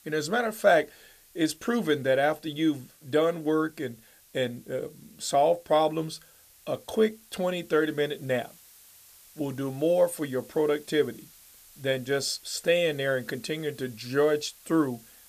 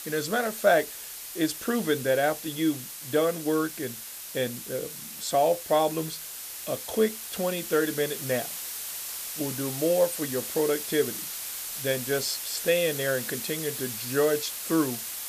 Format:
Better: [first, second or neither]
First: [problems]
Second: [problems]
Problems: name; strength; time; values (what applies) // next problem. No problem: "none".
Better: first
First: hiss; faint; throughout; 25 dB below the speech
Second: hiss; loud; throughout; 6 dB below the speech